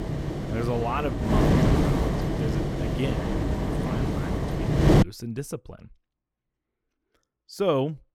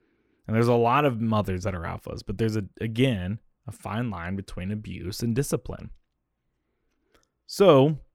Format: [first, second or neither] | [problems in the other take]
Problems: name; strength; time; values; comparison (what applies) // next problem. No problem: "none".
second | wind noise on the microphone; heavy; until 5 s; 2 dB above the speech